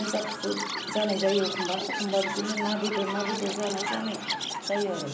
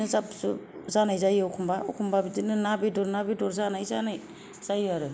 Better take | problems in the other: second | background sound (Chirp, tweet); 3 dB below the speech // room echo; dies away in 0.5 s

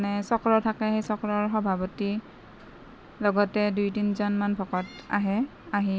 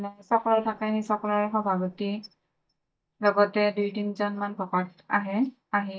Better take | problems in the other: first | noise reduction (neural mask model DeepFilterNet 3)

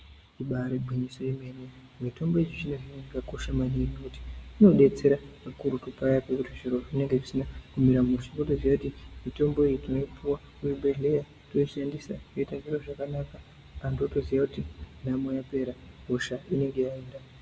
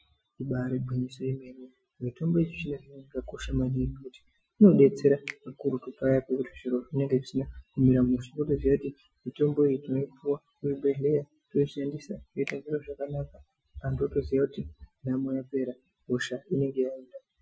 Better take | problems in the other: first | noise reduction (classical method Wiener filter)

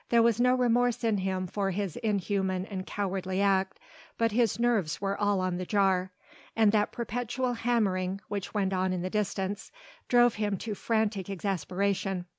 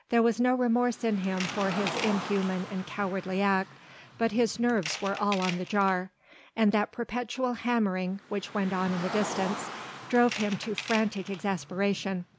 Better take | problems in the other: first | background sound (Car + Tools); 11 dB below the speech

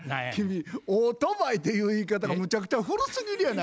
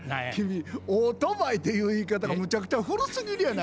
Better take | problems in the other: first | background sound (Musical instrument); 19 dB below the speech

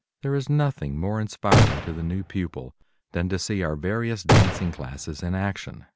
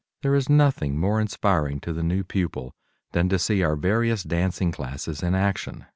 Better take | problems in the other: second | background sound (Gunshot, gunfire); 4 dB above the speech

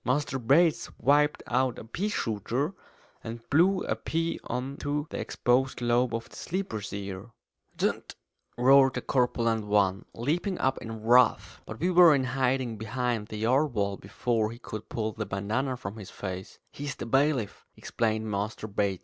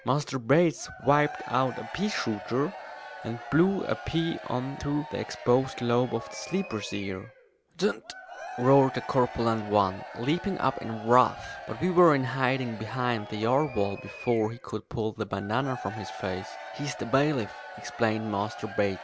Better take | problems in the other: first | background sound (Crowd / Cheering); 14 dB below the speech

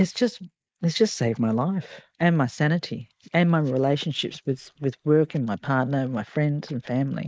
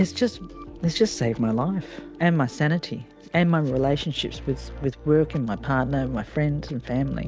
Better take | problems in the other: second | noise reduction (neural mask model Resemble Enhance denoiser)

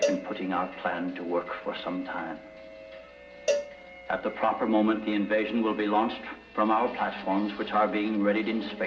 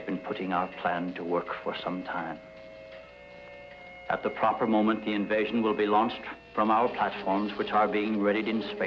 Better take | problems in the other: second | background sound (Cowbell); 7 dB below the speech // room echo; dies away in 0.8 s

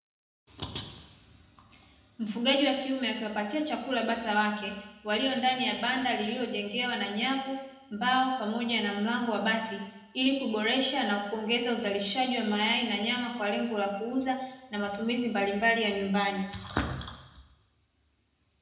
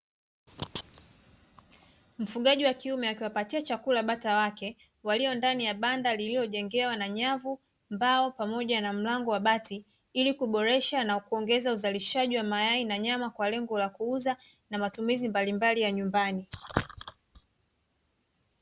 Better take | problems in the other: second | room echo; dies away in 0.9 s

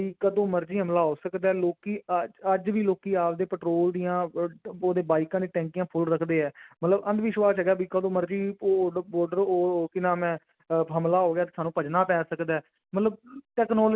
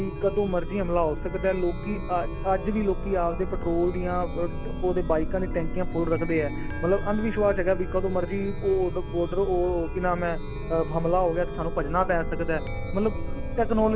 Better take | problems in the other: first | background sound (Chime); 3 dB below the speech

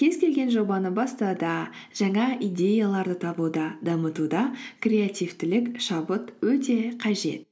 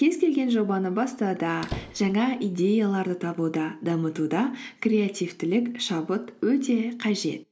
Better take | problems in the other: first | background sound (Squeak); 17 dB below the speech

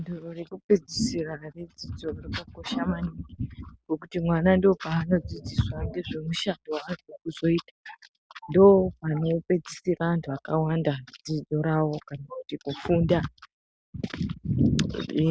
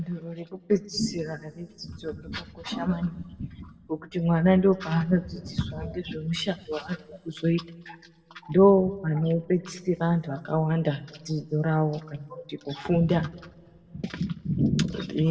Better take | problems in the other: first | room echo; dies away in 1.5 s

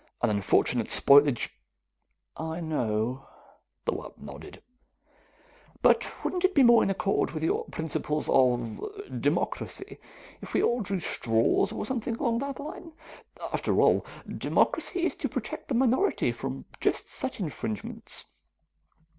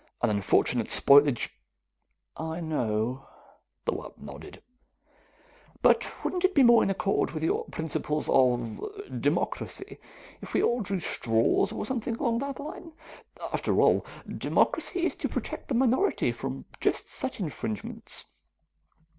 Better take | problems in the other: first | background sound (Slam); 17 dB below the speech

